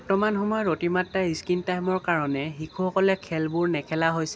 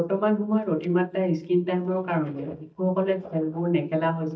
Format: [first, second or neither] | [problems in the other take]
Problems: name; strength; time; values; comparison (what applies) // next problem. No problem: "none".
first | noise reduction (neural mask model DeepFilterNet 3)